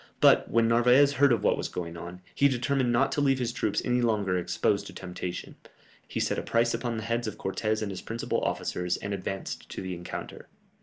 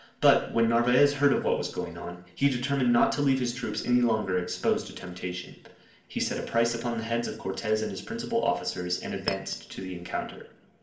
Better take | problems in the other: first | background sound (Chink, clink); 11 dB below the speech // room echo; dies away in 0.8 s

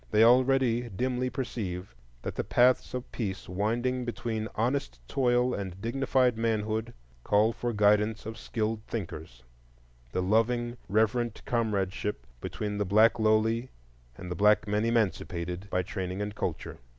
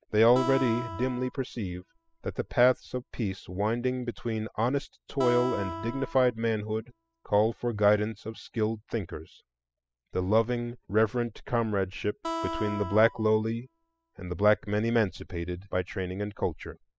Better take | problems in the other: first | noise reduction (classical method spectral subtraction)

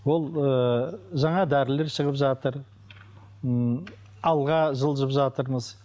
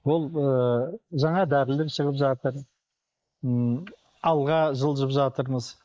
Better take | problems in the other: first | noise reduction (neural mask model Resemble Enhance denoiser)

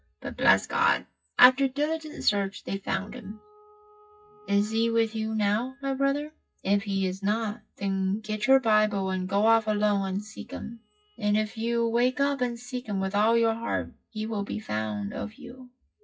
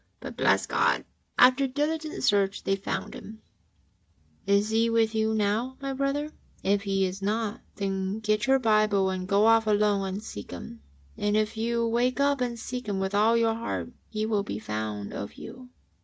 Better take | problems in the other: second | noise reduction (classical method WPE with log-MMSE)

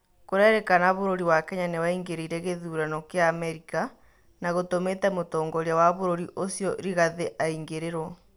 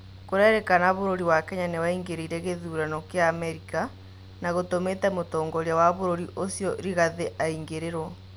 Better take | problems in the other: first | background sound (Mechanical fan); 19 dB below the speech

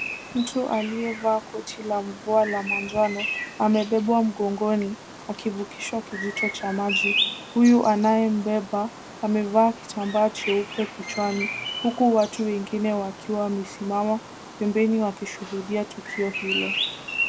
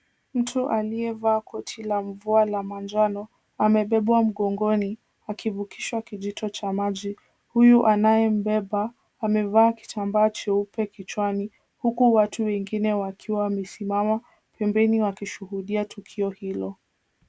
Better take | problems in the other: second | background sound (Bird vocalization, bird call, bird song); 8 dB below the speech

